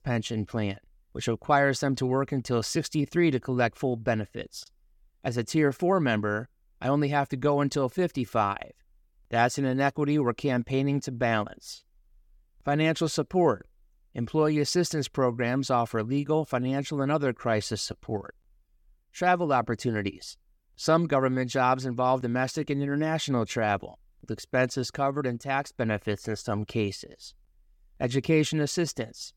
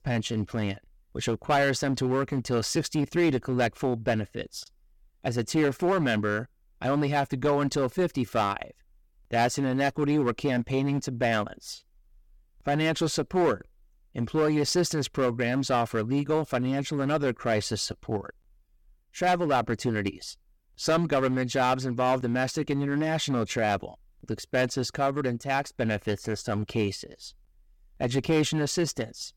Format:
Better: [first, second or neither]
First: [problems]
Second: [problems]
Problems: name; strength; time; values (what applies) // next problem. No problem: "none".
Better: first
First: none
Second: distortion; slight; 6% of the sound clipped